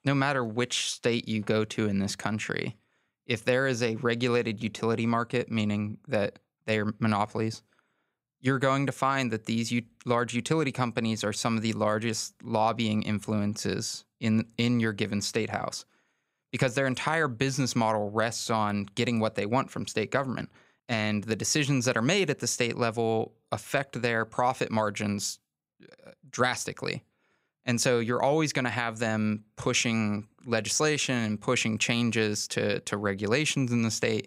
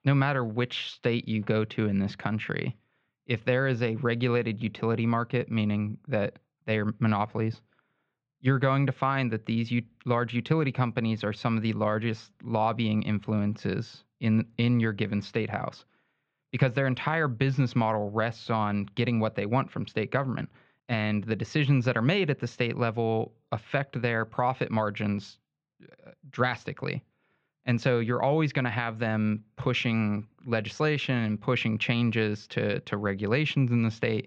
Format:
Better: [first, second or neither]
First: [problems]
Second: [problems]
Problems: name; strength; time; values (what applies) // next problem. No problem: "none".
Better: first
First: none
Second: muffled; slightly; fading above 3.5 kHz